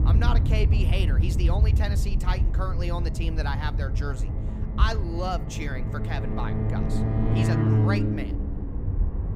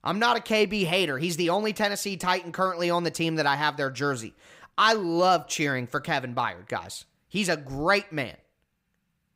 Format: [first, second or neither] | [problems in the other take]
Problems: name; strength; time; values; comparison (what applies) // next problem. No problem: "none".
second | low rumble; loud; throughout; 3 dB below the speech